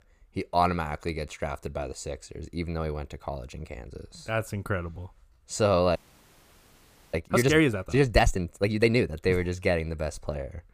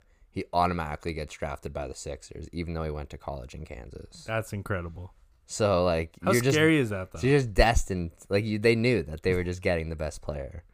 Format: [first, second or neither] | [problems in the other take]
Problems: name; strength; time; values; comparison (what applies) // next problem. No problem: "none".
second | audio freezing; at 6 s for 1 s